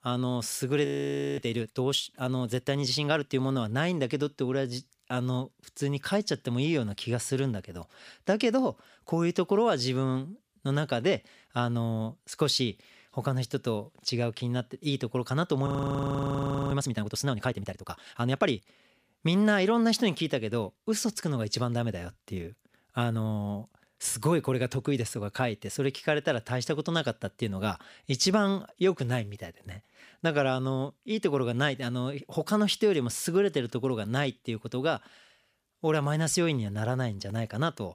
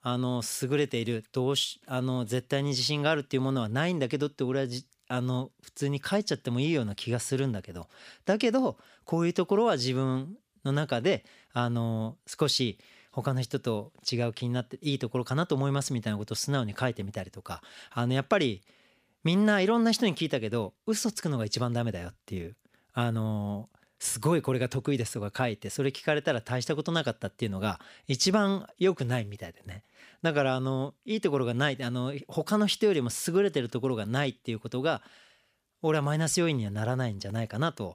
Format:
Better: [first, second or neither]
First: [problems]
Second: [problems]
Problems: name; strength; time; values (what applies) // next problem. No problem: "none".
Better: second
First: audio freezing; at 1 s for 0.5 s and at 16 s for 1 s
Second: none